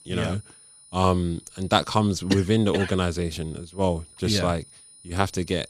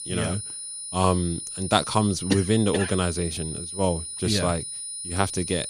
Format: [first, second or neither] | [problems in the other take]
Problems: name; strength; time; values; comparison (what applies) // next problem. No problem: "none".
first | high-pitched whine; loud; throughout; 9.5 kHz, 7 dB below the speech; faint in the first